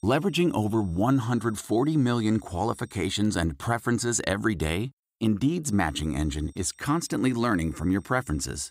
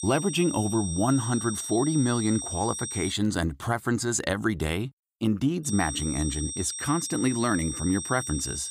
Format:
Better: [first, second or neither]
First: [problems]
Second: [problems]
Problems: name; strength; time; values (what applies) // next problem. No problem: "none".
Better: first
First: high-pitched whine; faint; until 3 s and from 5.5 s on; 8.5 kHz, 30 dB below the speech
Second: high-pitched whine; loud; until 3 s and from 5.5 s on; 8.5 kHz, 6 dB below the speech